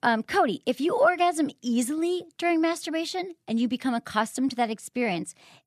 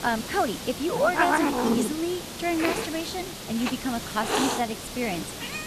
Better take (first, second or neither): first